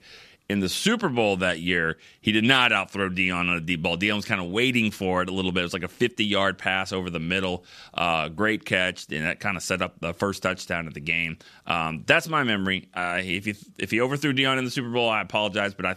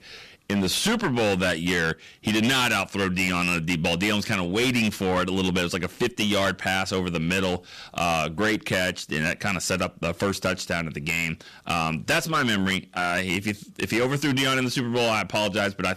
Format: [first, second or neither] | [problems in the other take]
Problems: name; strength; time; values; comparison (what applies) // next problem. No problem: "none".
first | distortion; heavy; 14% of the sound clipped